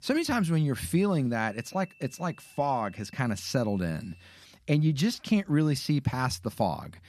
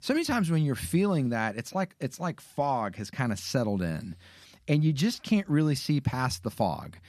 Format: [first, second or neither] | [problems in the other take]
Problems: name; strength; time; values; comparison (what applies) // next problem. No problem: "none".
second | high-pitched whine; faint; from 1.5 to 4.5 s; 2.5 kHz, 30 dB below the speech